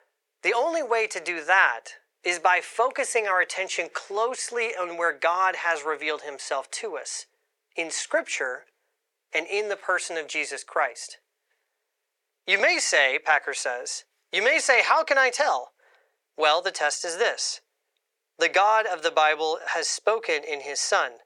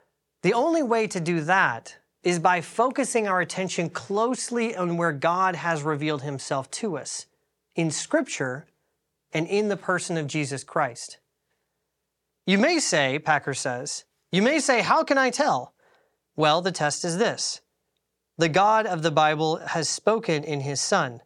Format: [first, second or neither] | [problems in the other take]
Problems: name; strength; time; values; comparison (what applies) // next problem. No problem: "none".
second | thin; very; fading below 450 Hz